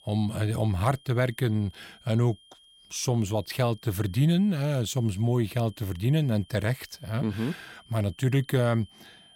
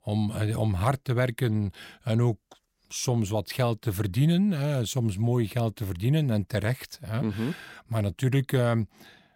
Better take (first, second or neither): second